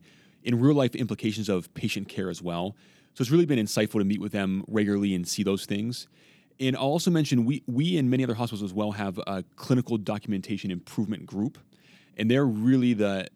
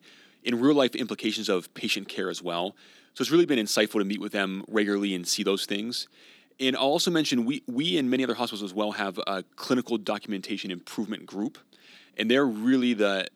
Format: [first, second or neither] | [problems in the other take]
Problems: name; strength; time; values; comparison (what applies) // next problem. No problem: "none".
first | thin; very slightly; fading below 250 Hz